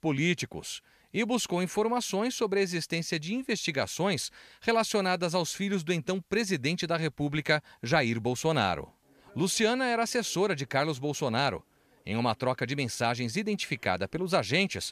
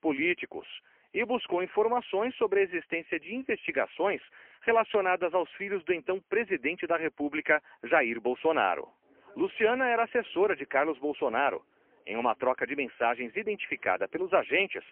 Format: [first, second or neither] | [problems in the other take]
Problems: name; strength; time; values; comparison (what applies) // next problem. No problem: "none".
first | phone-call audio; poor line; nothing above 3 kHz